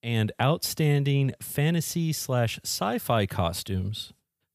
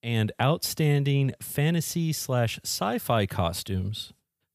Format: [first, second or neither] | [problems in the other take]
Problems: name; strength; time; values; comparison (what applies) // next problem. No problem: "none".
neither | none